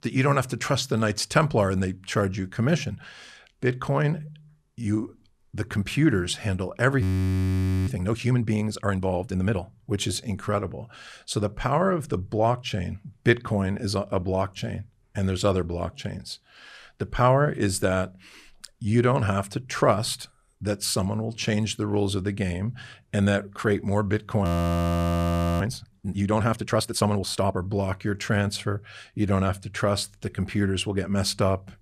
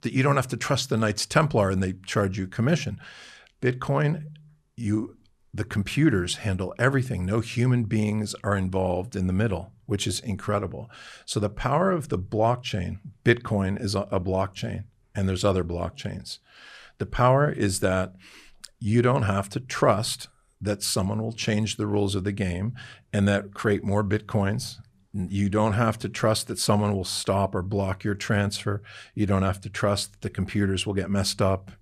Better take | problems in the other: second | audio freezing; at 7 s for 1 s and at 24 s for 1 s

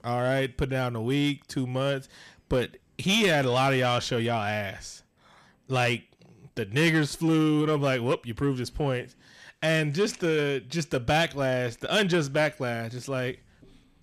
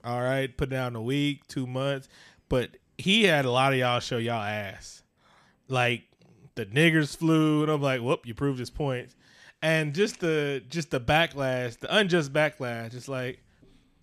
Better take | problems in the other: second | distortion; slight; 10 dB below the speech

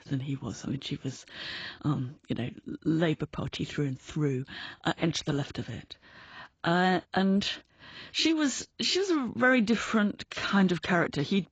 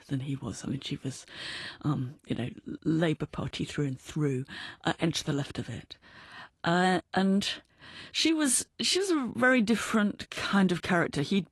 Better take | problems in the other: second | garbled, watery; badly; nothing above 7.5 kHz; slightly in the second

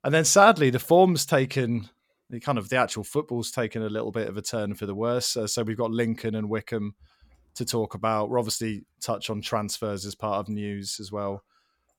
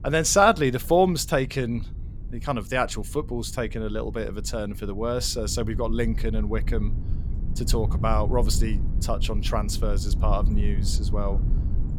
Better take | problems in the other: first | low rumble; noticeable; throughout; 20 dB below the speech

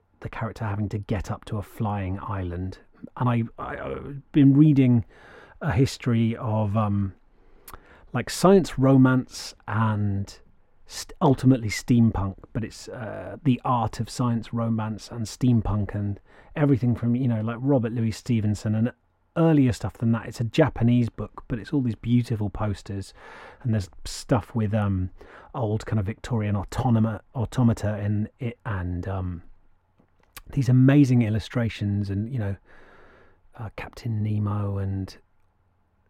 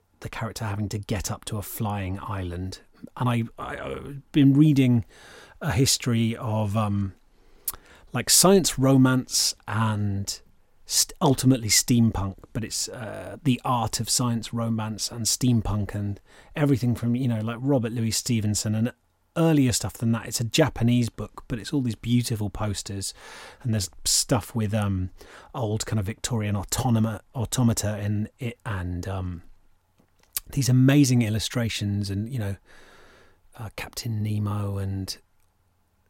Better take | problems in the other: second | muffled; very; fading above 3.5 kHz

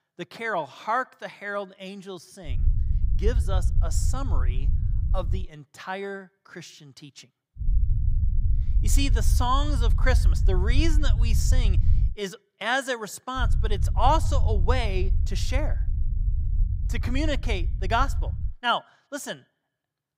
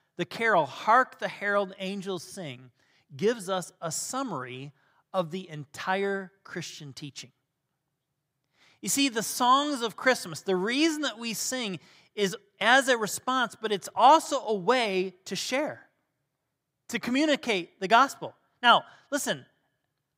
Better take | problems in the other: second | low rumble; noticeable; from 2.5 to 5.5 s, from 7.5 to 12 s and from 13 to 18 s; 15 dB below the speech

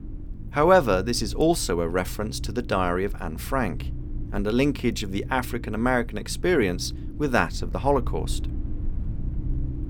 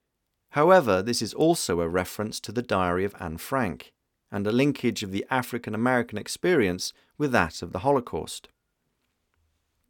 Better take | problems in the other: second | low rumble; faint; throughout; 20 dB below the speech

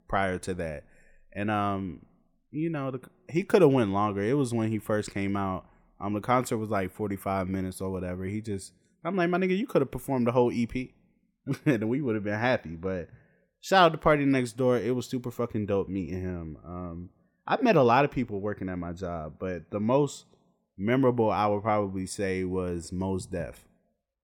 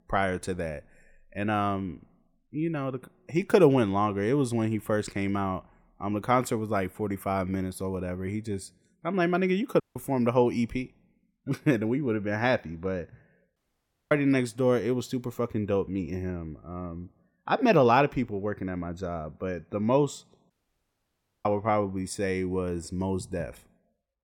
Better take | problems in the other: first | audio cutting out; at 10 s, at 14 s for 0.5 s and at 21 s for 1 s

